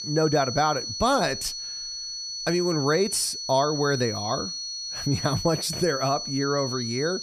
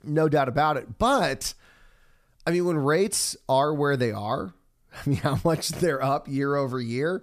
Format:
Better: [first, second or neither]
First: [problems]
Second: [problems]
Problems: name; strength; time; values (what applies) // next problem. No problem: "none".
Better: second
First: high-pitched whine; loud; throughout; 4.5 kHz, 5 dB below the speech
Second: none